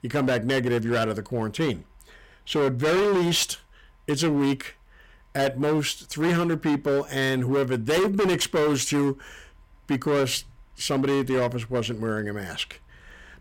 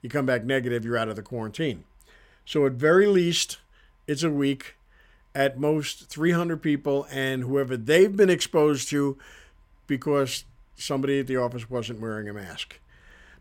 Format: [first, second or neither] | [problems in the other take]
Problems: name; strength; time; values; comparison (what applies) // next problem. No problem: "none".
second | distortion; heavy; 16% of the sound clipped